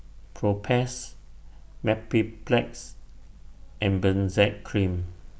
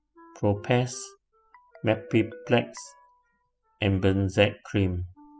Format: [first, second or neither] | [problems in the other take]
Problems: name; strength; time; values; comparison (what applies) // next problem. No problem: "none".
first | noise reduction (classical method spectral subtraction)